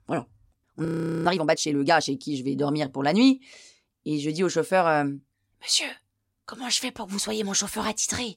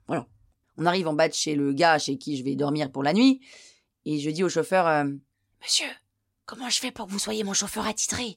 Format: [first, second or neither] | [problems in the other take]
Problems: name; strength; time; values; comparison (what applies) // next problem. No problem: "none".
second | audio freezing; at 1 s